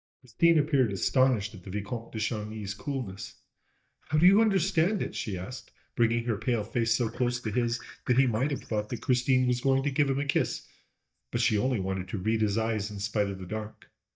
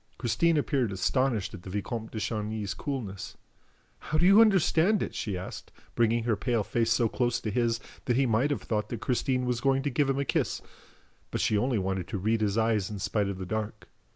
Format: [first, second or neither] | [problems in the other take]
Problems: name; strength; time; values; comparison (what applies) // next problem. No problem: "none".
second | noise reduction (neural mask model DeepFilterNet 3)